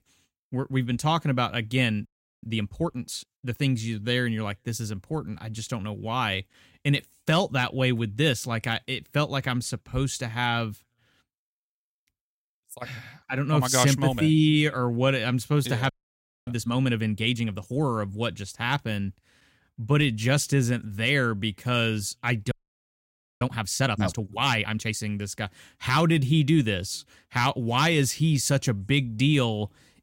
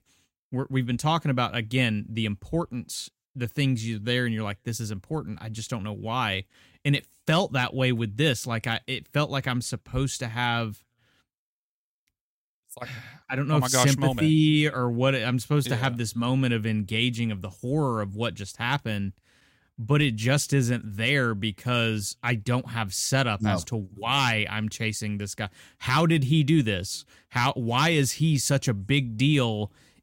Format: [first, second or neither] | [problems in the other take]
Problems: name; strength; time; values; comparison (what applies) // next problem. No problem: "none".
second | audio freezing; at 2 s, at 16 s for 0.5 s and at 23 s for 1 s